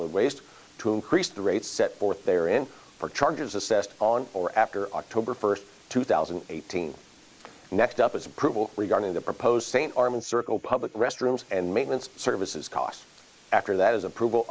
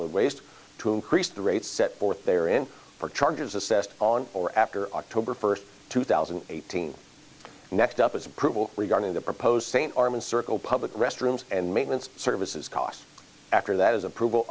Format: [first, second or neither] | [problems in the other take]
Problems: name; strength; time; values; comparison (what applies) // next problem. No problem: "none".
second | noise reduction (neural mask model Resemble Enhance denoiser)